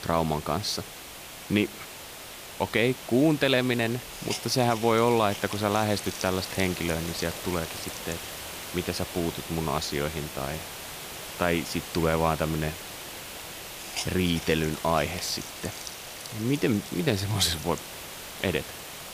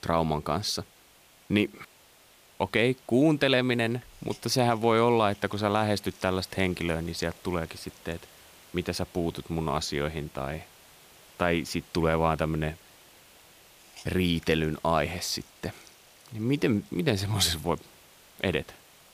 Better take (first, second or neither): second